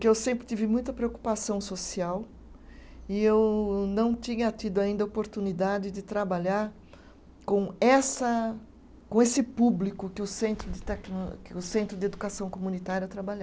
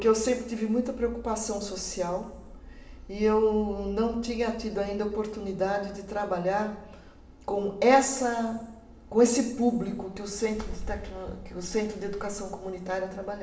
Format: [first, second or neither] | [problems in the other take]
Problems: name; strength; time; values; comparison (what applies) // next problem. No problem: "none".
first | room echo; dies away in 0.8 s